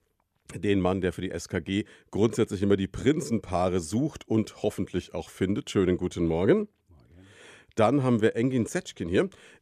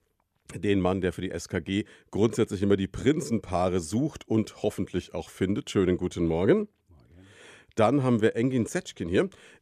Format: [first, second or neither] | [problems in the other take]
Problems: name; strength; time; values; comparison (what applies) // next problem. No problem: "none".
neither | none